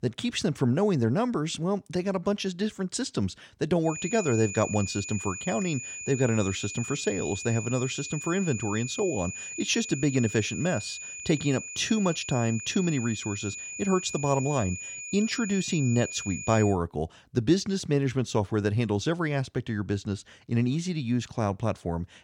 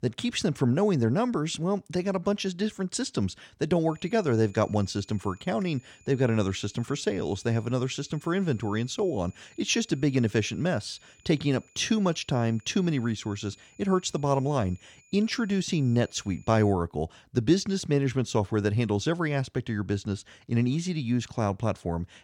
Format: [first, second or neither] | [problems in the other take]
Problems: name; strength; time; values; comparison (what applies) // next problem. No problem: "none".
second | high-pitched whine; loud; from 4 to 17 s; 2.5 kHz, 8 dB below the speech; faint in the second